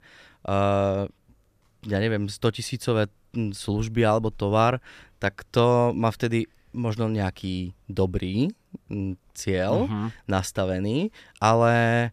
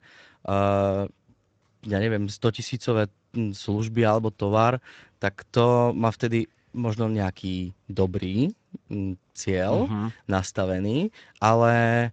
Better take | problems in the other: first | garbled, watery; slightly; nothing above 7.5 kHz

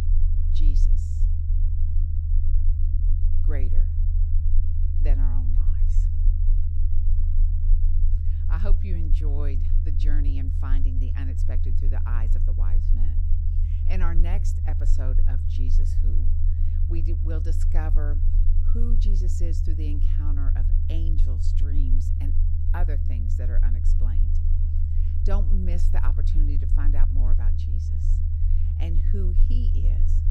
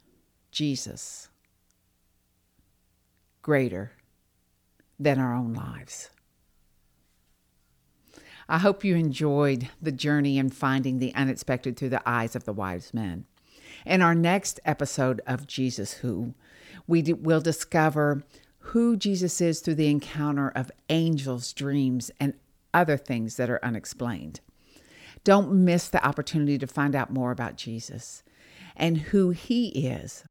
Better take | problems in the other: second | low rumble; loud; throughout; 2 dB below the speech

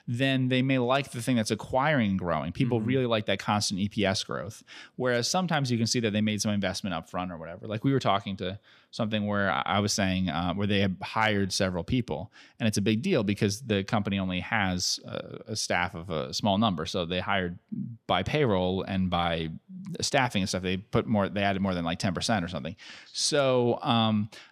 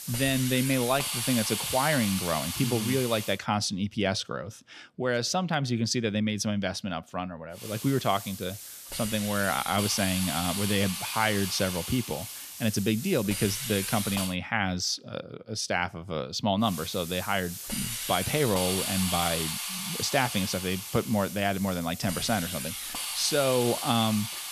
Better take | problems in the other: first | hiss; loud; until 3.5 s, from 7.5 to 14 s and from 17 s on; 4 dB below the speech

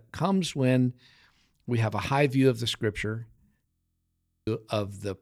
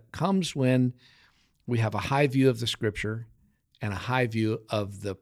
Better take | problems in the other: second | audio freezing; at 3.5 s for 1 s

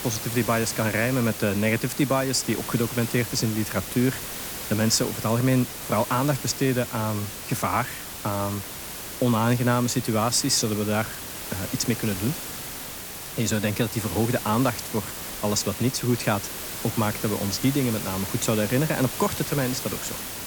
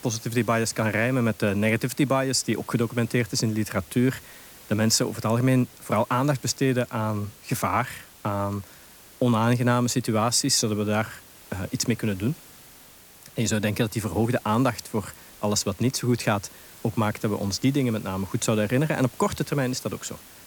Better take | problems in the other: second | hiss; loud; throughout; 7 dB below the speech; faint in the second

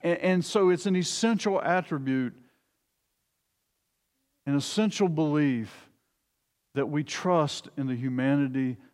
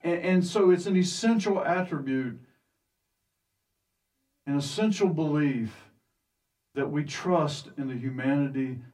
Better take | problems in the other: first | off-mic speech; far // room echo; very slight; dies away in 0.2 s

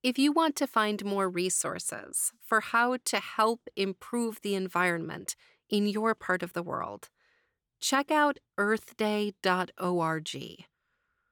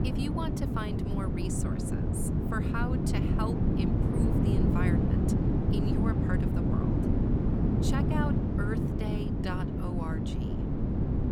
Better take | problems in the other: first | wind noise on the microphone; heavy; 3 dB above the speech

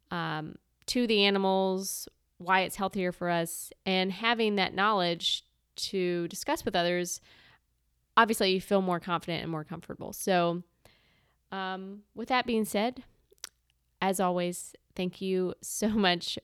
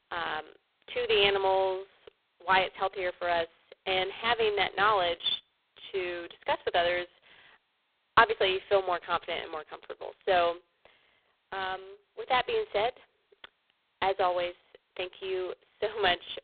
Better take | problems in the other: first | phone-call audio; poor line

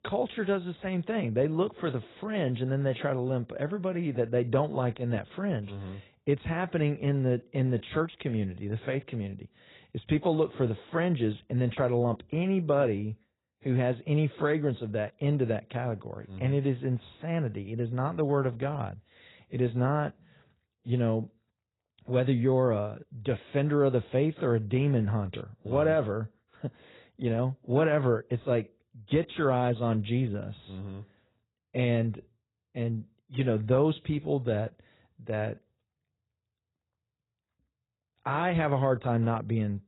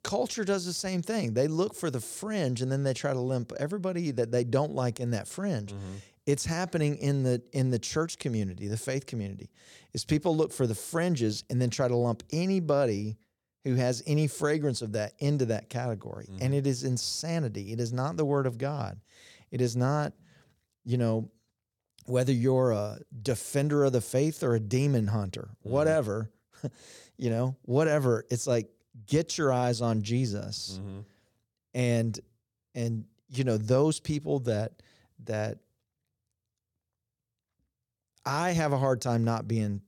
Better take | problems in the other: second | garbled, watery; badly; nothing above 4 kHz

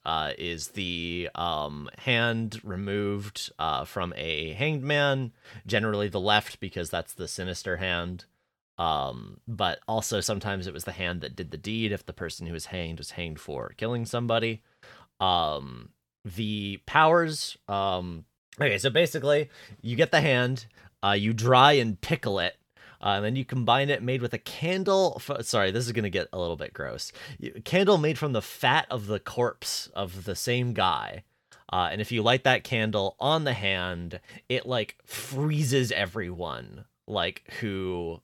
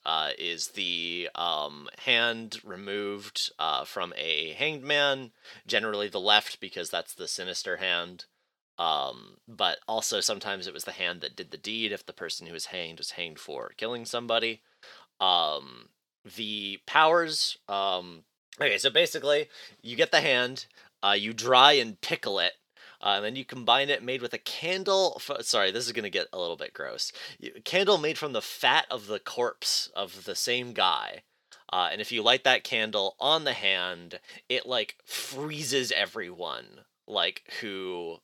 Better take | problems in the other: first | thin; somewhat; fading below 350 Hz

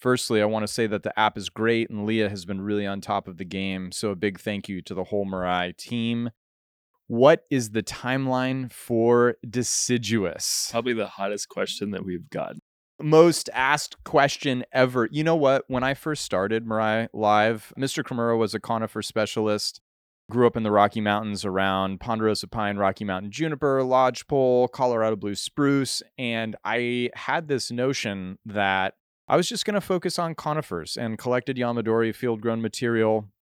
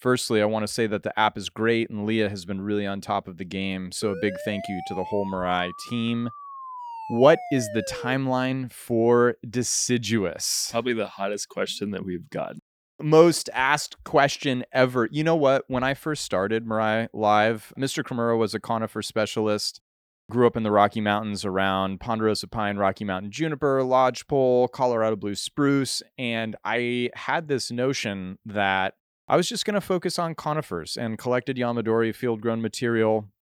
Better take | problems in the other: first | siren; faint; from 4 to 8 s; peak 10 dB below the speech

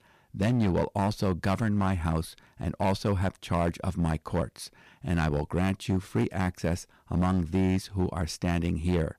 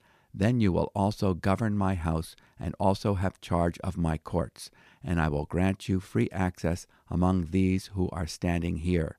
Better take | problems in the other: second | distortion; slight; 7% of the sound clipped

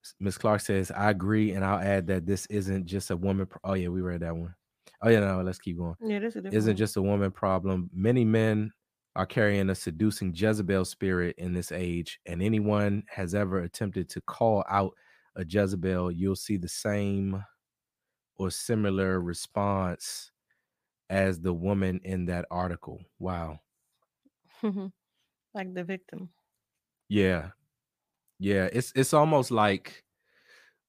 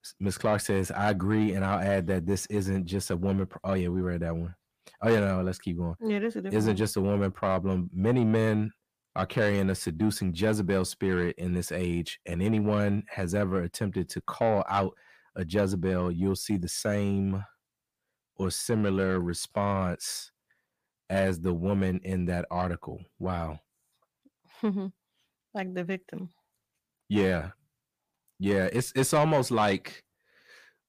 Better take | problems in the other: first | distortion; slight; 10 dB below the speech

